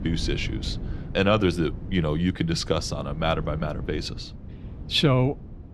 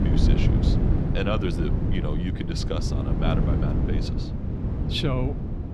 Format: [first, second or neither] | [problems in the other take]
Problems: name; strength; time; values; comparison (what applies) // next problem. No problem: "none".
first | wind noise on the microphone; heavy; 2 dB below the speech; occasional gusts in the first